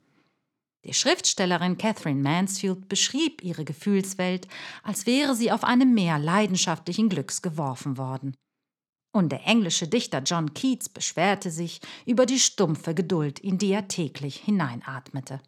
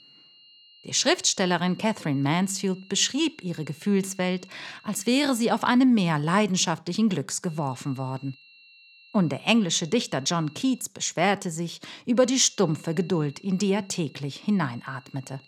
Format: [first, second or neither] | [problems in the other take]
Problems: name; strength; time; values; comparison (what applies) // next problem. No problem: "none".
first | high-pitched whine; faint; until 6 s, from 7.5 to 11 s and from 12 s on; 2.5 kHz, 25 dB below the speech